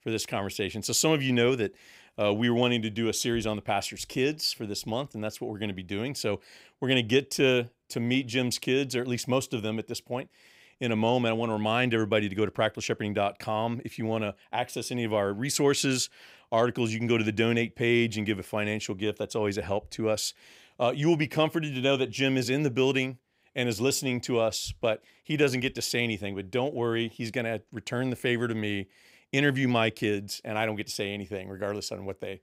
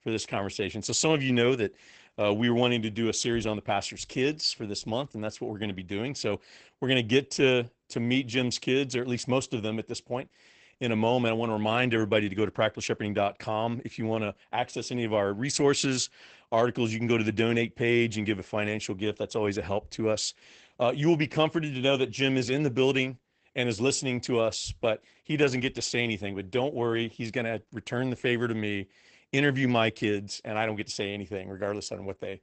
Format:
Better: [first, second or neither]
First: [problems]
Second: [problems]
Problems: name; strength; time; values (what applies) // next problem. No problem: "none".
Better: first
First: none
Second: garbled, watery; badly; nothing above 8 kHz